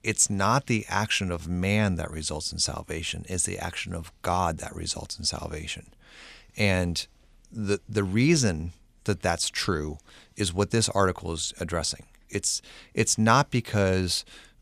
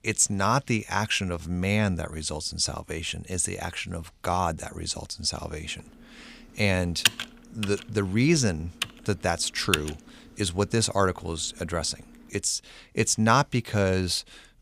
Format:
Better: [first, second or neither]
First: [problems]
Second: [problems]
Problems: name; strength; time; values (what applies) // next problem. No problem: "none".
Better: first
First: none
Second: keyboard typing; loud; from 7 to 10 s; peak 3 dB above the speech